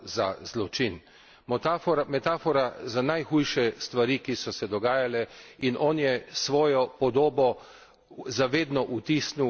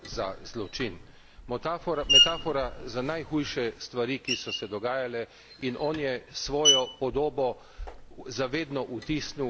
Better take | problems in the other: first | background sound (Screech); as loud as the speech

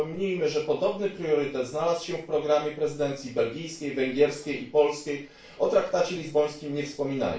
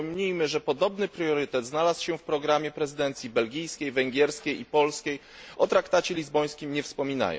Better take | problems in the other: second | room echo; dies away in 0.3 s

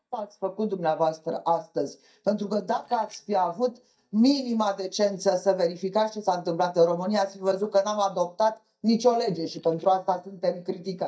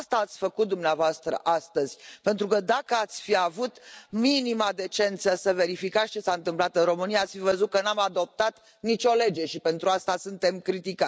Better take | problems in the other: second | noise reduction (neural mask model DeepFilterNet 3)

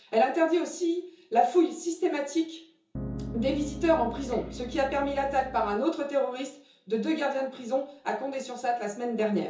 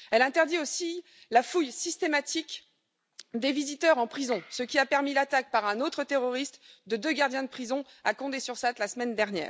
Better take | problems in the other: second | background sound (Piano); 10 dB below the speech // room echo; dies away in 0.6 s

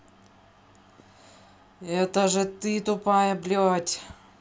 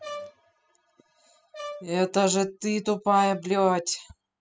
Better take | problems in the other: first | noise reduction (classical method spectral subtraction)

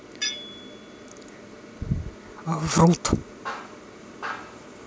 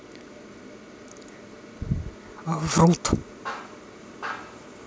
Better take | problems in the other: second | background sound (Tools); 12 dB below the speech

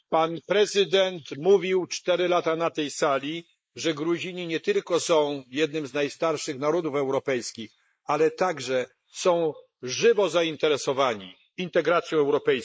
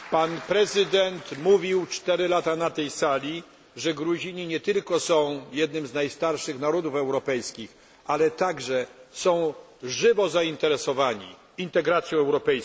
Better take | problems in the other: second | noise reduction (neural mask model Resemble Enhance denoiser)

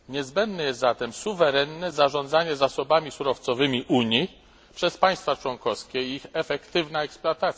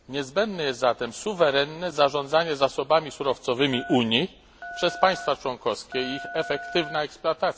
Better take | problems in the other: first | background sound (Telephone); 13 dB below the speech

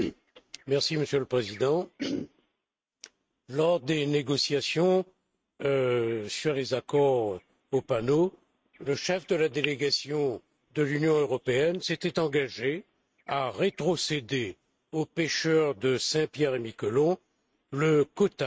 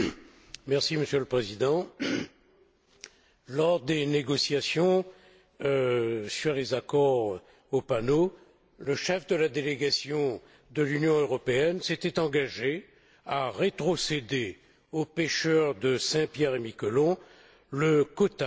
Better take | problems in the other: second | noise reduction (neural mask model RNNoise)

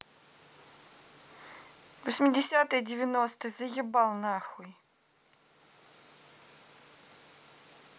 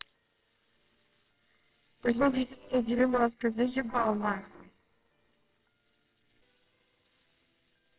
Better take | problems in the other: first | noise reduction (neural separator model SepFormer WHAMR!)

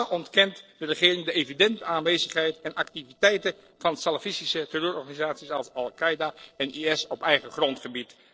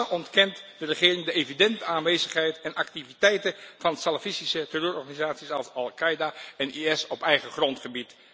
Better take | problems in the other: second | noise reduction (neural separator model SepFormer DNS4)

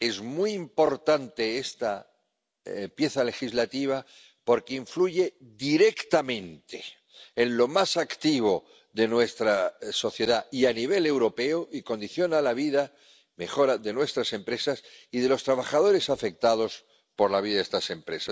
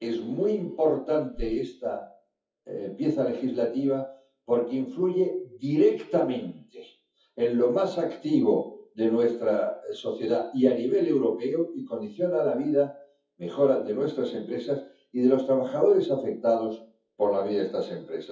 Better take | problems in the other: first | noise reduction (classical method WPE with log-MMSE)

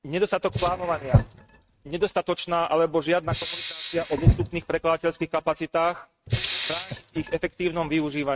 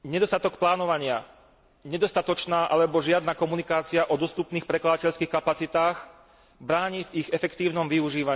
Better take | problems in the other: second | noise reduction (neural mask model RNNoise)

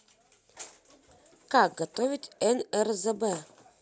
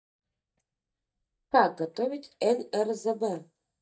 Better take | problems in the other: first | noise reduction (neural mask model DeepFilterNet 3)

